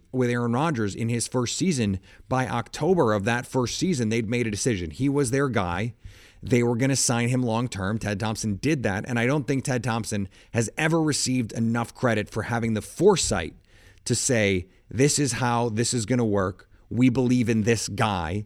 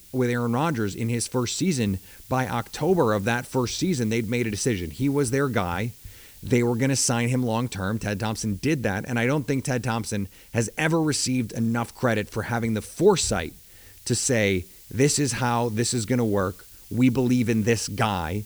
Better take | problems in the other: first | hiss; faint; throughout; 20 dB below the speech

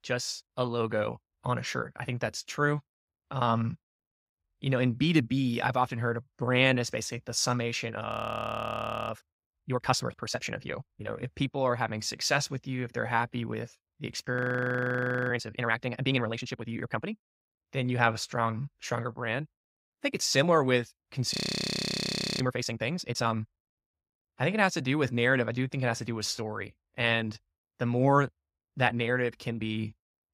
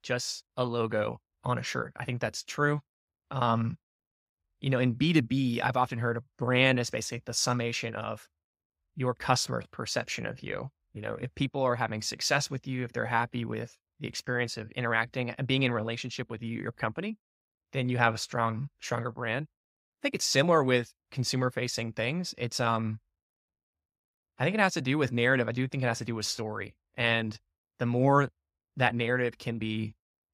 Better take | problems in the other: second | audio freezing; at 8 s for 1 s, at 14 s for 1 s and at 21 s for 1 s

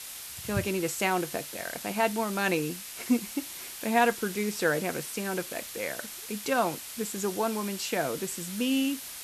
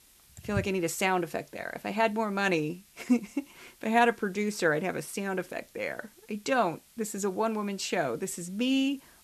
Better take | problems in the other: second | hiss; loud; throughout; 8 dB below the speech; faint in the second

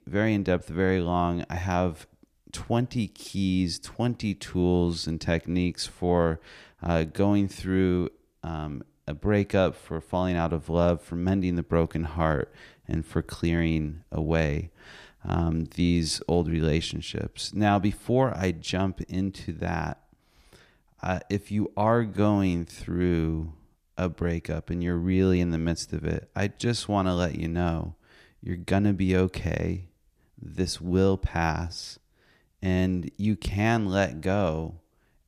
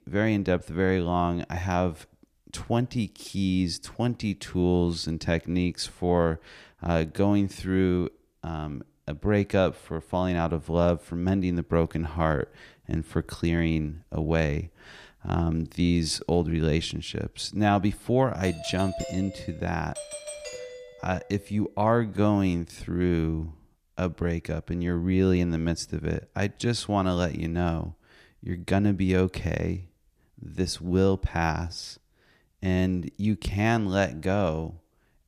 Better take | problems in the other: first | doorbell; noticeable; from 18 to 21 s; peak 9 dB below the speech

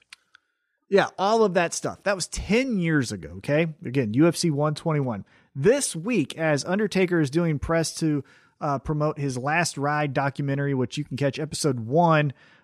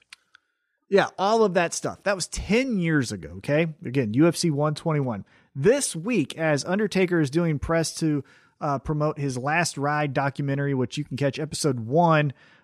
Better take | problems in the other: neither | none

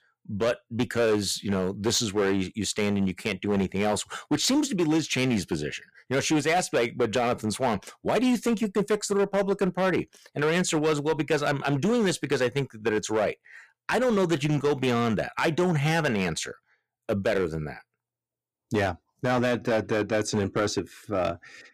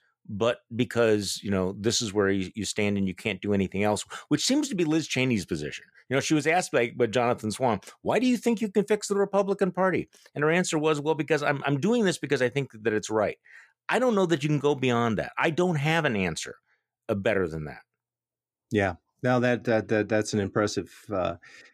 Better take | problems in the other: second | distortion; slight; 9% of the sound clipped

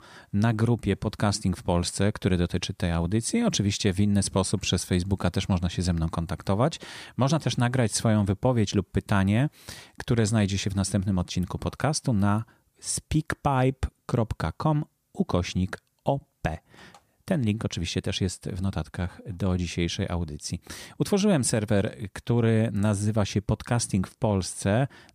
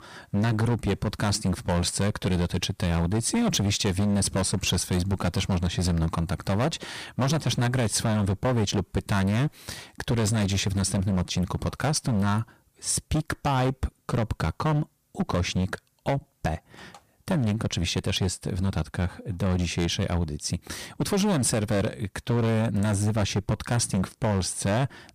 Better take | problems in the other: first | distortion; heavy; 16% of the sound clipped

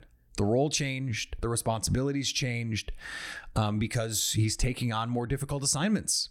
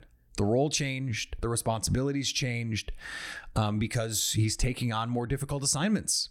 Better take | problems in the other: neither | none

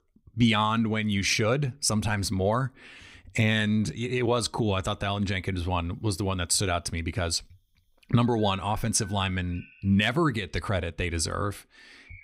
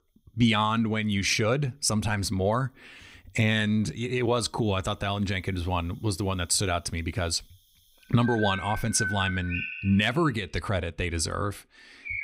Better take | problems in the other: first | animal sounds; loud; throughout; 7 dB below the speech; faint in the first

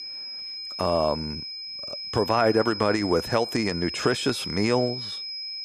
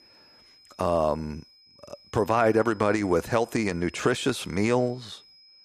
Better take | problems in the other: second | high-pitched whine; loud; throughout; 5 kHz, 7 dB below the speech; faint in the second

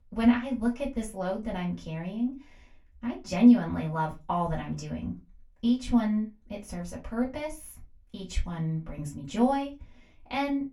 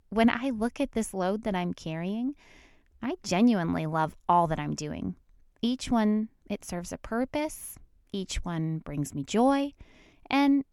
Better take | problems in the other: second | off-mic speech; far // room echo; very slight; dies away in 0.2 s

